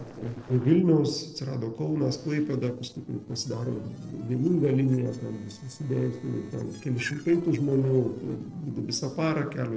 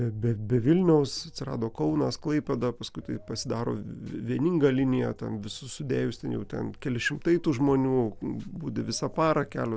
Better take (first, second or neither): second